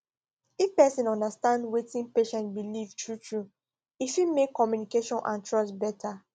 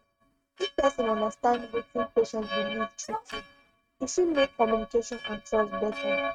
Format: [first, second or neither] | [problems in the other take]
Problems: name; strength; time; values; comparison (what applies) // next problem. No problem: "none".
first | noise reduction (neural mask model RNNoise)